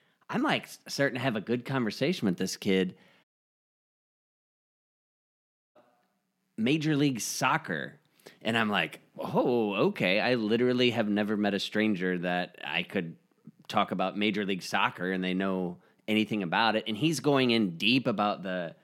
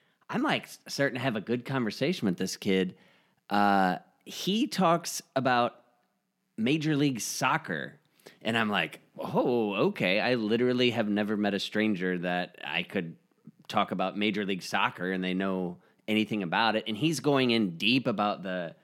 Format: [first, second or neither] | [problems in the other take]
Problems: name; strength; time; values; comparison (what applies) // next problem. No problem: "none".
second | audio cutting out; at 3 s for 2.5 s